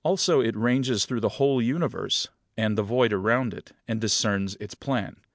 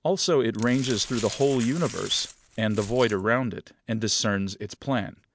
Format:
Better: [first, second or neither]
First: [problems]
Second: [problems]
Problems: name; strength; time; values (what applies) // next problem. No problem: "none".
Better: first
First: none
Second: background sound (Glass); 15 dB below the speech